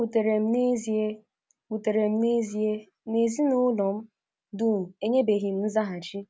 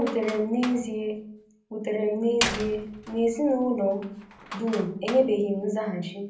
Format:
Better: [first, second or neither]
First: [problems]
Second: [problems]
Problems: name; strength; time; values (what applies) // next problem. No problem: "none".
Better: first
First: none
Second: background sound (Slam); 11 dB below the speech // room echo; dies away in 0.6 s